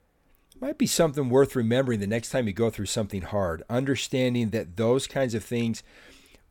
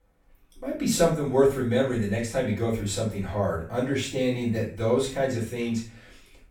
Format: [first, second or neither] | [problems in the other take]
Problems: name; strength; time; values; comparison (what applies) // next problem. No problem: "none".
first | off-mic speech; far // room echo; slight; dies away in 0.4 s